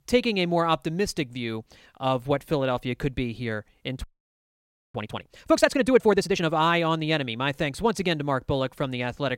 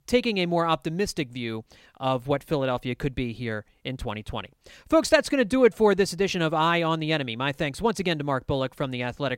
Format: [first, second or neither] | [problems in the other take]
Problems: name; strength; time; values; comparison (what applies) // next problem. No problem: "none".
second | audio freezing; at 4 s for 1 s